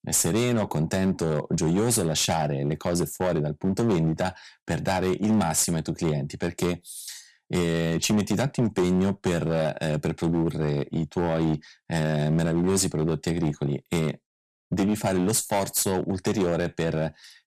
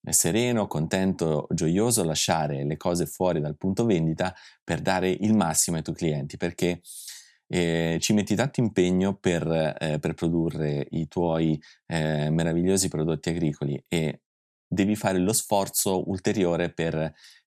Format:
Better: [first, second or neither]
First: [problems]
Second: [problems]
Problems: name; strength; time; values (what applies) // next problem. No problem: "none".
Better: second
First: distortion; slight; 10% of the sound clipped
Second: none